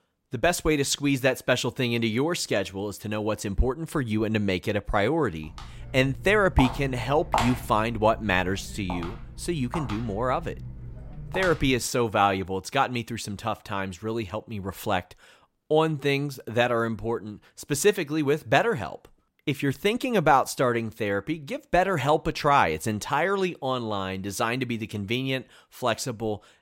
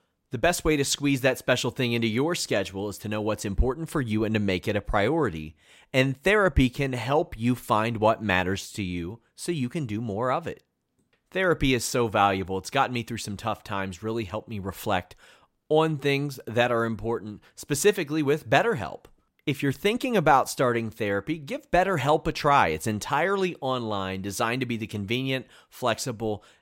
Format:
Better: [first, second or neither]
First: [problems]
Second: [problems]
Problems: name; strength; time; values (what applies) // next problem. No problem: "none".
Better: second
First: footsteps; noticeable; from 5.5 to 12 s; peak 1 dB below the speech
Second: none